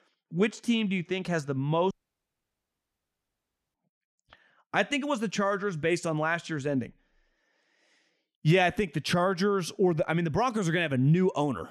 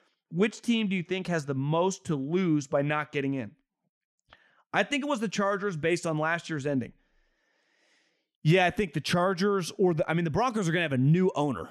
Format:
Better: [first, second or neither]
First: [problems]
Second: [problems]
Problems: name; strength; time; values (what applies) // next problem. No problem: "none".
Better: second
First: audio cutting out; at 2 s for 2 s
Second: none